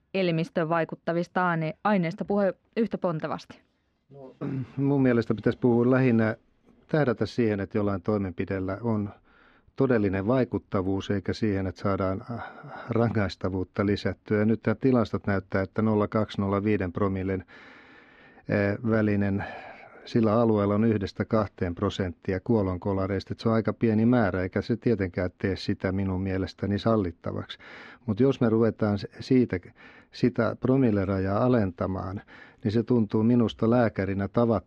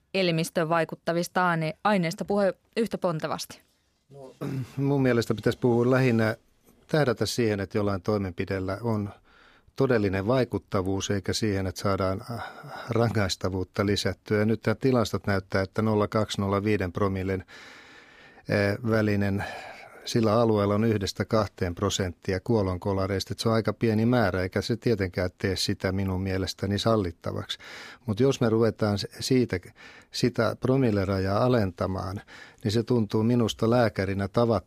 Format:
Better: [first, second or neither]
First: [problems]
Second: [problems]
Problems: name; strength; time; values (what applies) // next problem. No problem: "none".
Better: second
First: muffled; slightly; fading above 3 kHz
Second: none